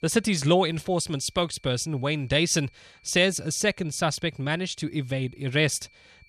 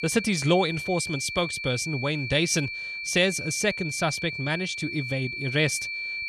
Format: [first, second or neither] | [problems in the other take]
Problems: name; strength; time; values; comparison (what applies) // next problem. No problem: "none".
first | high-pitched whine; loud; throughout; 2.5 kHz, 5 dB below the speech; faint in the first